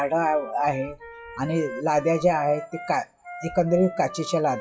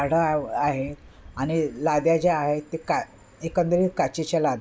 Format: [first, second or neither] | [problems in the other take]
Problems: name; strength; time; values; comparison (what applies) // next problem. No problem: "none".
second | noise reduction (classical method WPE with log-MMSE)